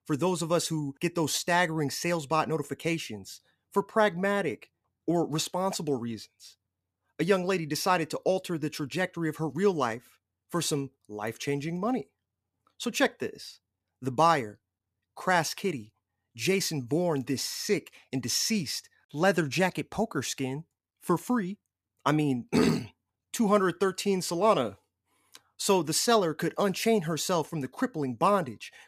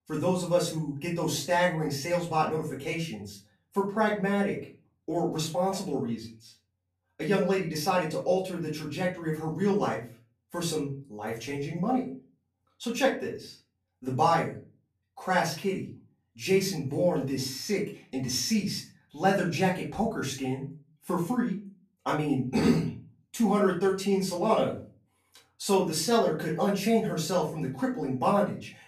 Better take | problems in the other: first | off-mic speech; far // room echo; slight; dies away in 0.3 s

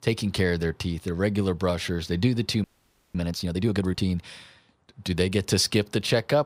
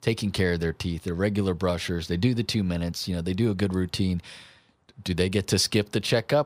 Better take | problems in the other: second | audio freezing; at 2.5 s for 0.5 s

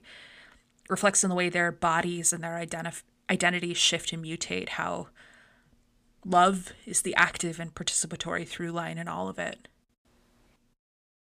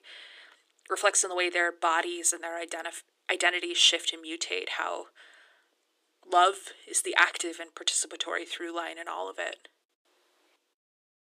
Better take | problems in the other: first | thin; very; fading below 300 Hz

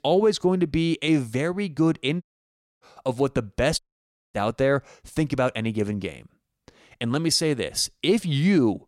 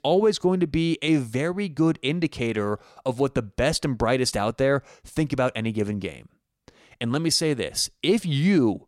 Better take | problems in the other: second | audio cutting out; at 2 s for 0.5 s and at 4 s for 0.5 s

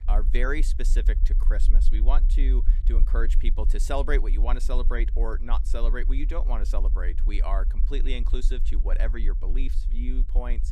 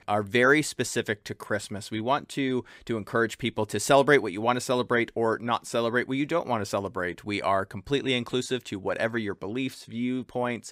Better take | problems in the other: second | low rumble; noticeable; throughout; 15 dB below the speech

